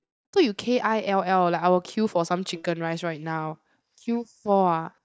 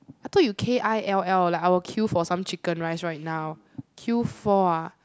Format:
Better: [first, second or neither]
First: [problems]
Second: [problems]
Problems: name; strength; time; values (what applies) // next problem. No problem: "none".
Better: second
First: noise reduction (neural mask model DeepFilterNet 3)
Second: none